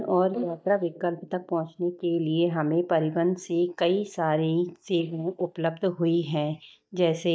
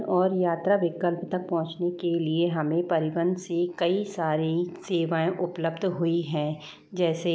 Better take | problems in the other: second | noise reduction (neural mask model DeepFilterNet 3)

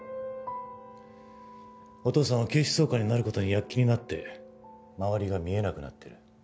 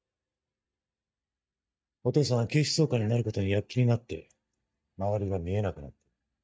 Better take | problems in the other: first | noise reduction (neural mask model DeepFilterNet 3)

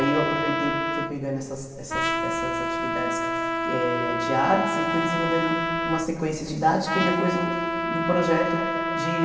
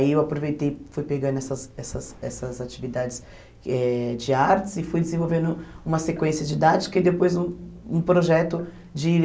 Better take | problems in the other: second | background sound (Trumpet); as loud as the speech // room echo; dies away in 2.4 s

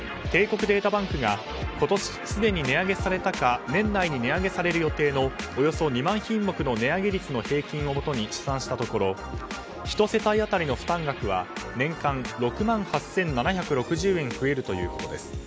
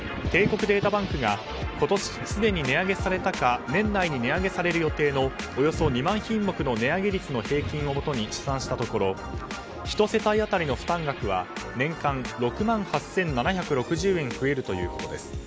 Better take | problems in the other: first | background sound (Thunder); 15 dB below the speech

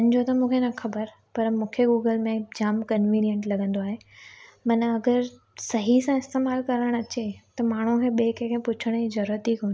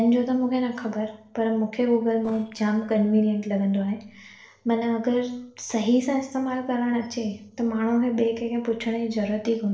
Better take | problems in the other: first | noise reduction (neural separator model SepFormer DNS4)

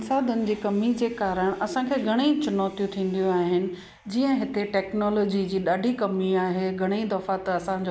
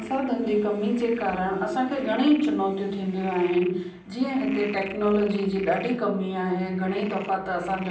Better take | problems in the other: first | background sound (Frog); 20 dB below the speech // room echo; dies away in 0.6 s

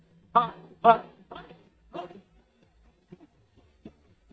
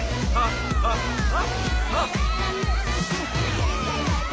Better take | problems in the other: second | noise reduction (neural mask model DeepFilterNet 3)

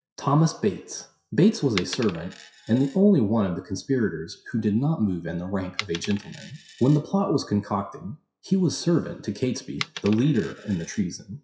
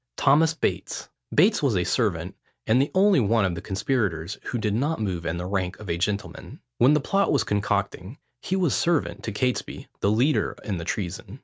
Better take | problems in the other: second | noise reduction (classical method WPE with log-MMSE)

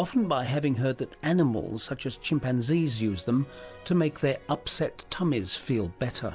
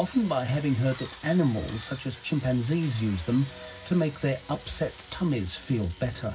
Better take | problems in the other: first | background sound (Drill); 20 dB below the speech // room echo; dies away in 0.4 s

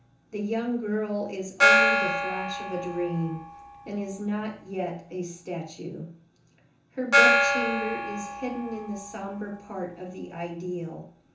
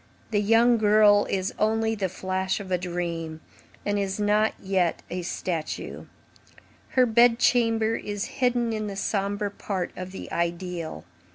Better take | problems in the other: second | background sound (Gong); 4 dB above the speech // room echo; dies away in 0.7 s

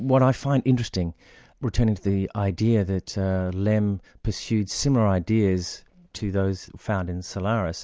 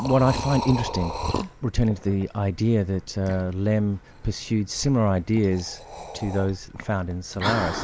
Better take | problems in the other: first | background sound (Liquid); 9 dB below the speech

